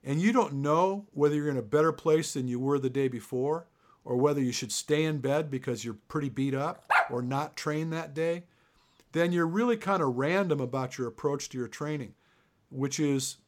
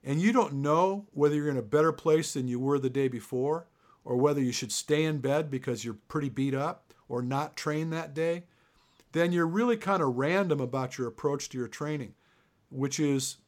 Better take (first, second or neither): second